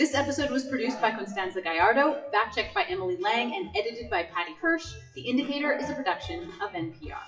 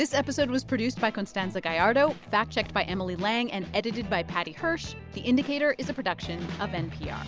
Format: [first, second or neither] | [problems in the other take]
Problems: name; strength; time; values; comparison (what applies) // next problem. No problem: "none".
second | noise reduction (classical method WPE with log-MMSE)